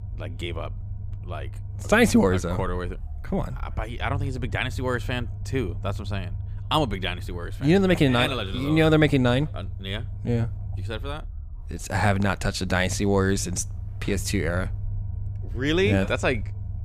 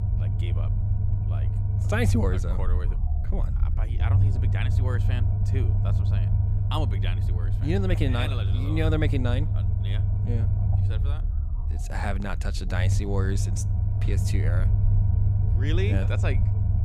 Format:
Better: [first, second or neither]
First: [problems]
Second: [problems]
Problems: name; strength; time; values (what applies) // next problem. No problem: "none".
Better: first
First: low rumble; faint; throughout; 25 dB below the speech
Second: low rumble; loud; throughout; 5 dB below the speech